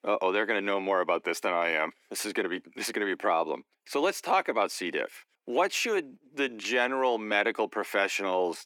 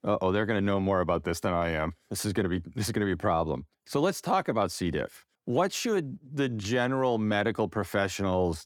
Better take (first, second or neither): second